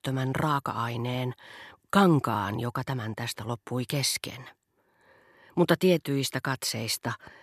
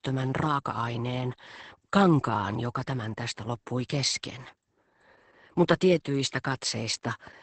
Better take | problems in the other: first | garbled, watery; badly; nothing above 8 kHz

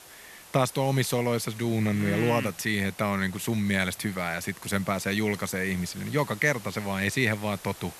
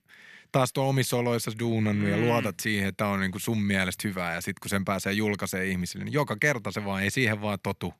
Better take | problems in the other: second | hiss; noticeable; throughout; 20 dB below the speech

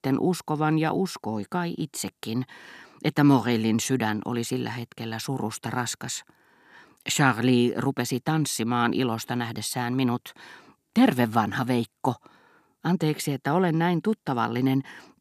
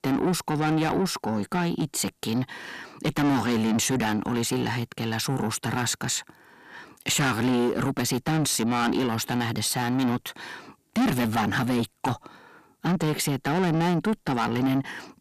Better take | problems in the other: first | distortion; heavy; 6 dB below the speech

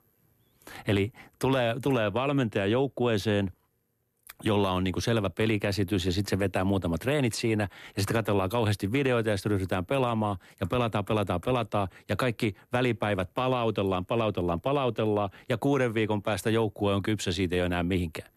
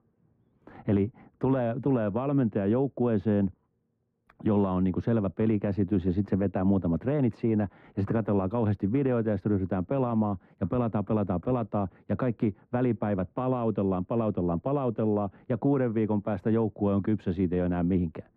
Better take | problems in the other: first | muffled; very; fading above 3.5 kHz

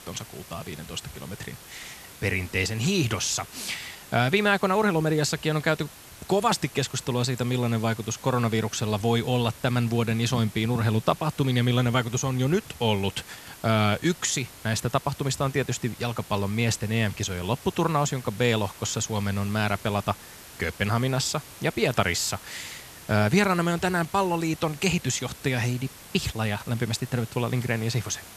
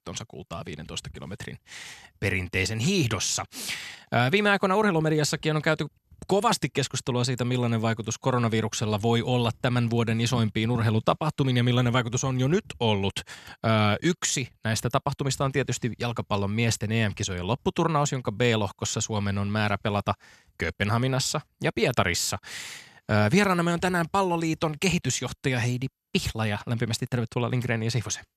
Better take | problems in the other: second | hiss; noticeable; throughout; 20 dB below the speech

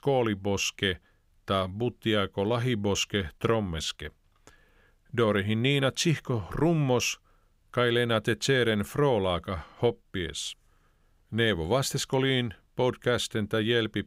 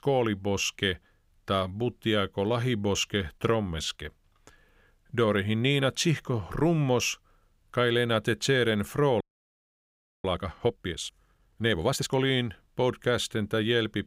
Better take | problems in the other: first | audio freezing; at 9 s for 1 s

